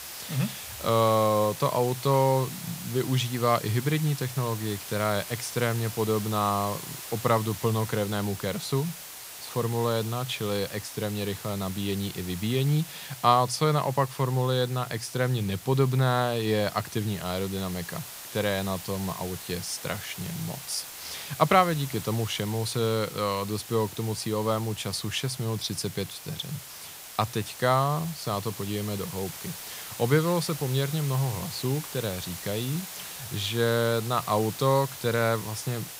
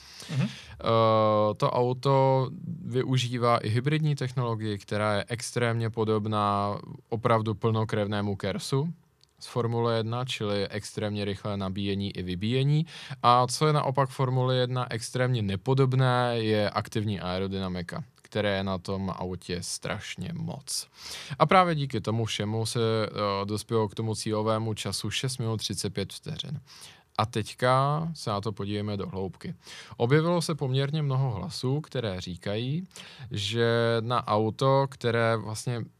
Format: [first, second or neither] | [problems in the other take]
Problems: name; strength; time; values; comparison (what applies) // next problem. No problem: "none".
second | hiss; noticeable; throughout; 10 dB below the speech